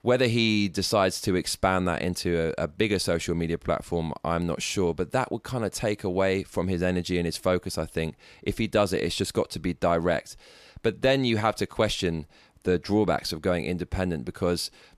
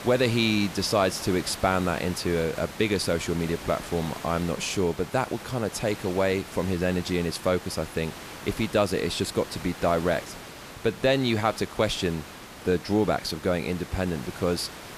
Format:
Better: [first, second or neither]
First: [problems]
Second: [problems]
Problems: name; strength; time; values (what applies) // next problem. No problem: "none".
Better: first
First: none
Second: hiss; noticeable; throughout; 15 dB below the speech